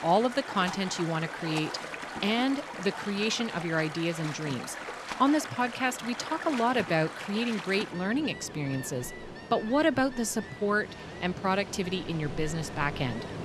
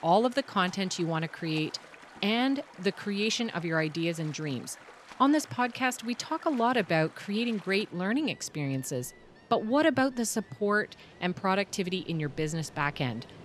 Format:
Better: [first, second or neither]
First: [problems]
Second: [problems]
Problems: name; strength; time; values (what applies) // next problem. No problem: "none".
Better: second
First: rain or running water; loud; throughout; 9 dB below the speech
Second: rain or running water; faint; throughout; 20 dB below the speech